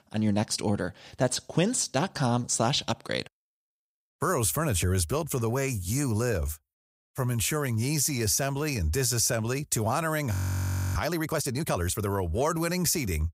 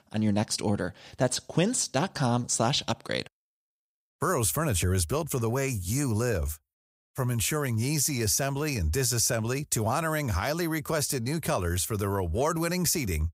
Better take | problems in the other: second | audio freezing; at 10 s for 0.5 s

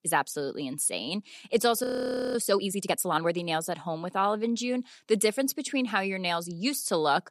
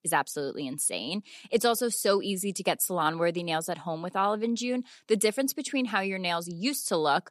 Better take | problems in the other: second | audio freezing; at 2 s

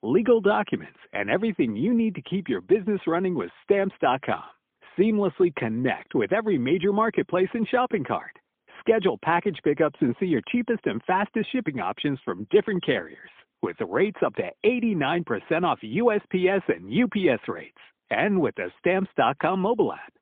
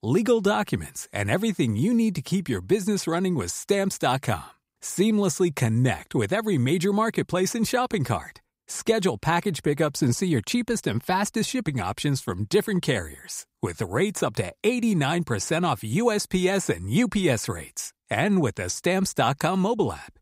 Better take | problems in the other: second | phone-call audio; poor line; nothing above 3.5 kHz

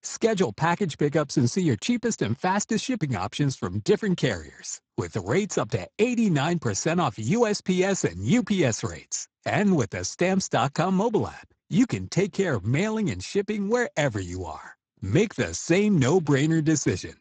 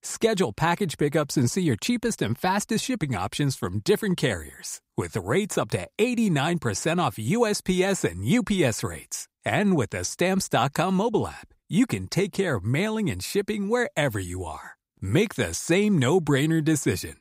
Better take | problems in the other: second | garbled, watery; badly; nothing above 7.5 kHz

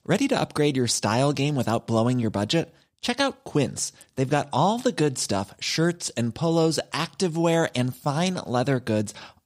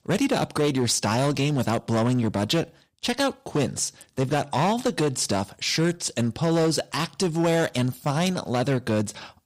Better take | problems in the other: first | distortion; slight; 9% of the sound clipped

